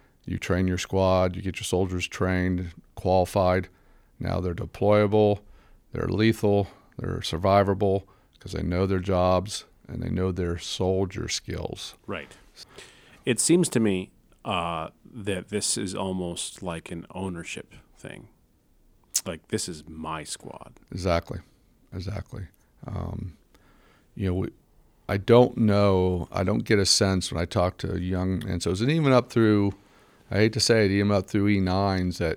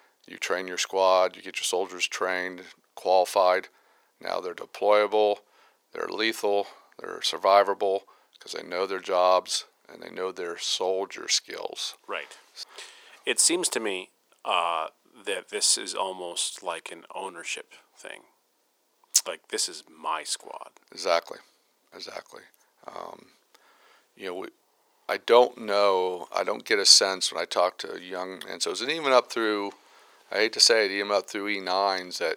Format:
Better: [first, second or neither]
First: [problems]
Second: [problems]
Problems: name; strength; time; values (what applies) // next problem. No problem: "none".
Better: first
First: none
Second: thin; very; fading below 450 Hz